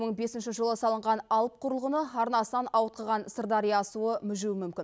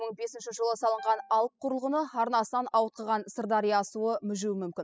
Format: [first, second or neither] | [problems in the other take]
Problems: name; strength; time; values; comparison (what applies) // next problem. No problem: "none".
first | noise reduction (classical method spectral subtraction)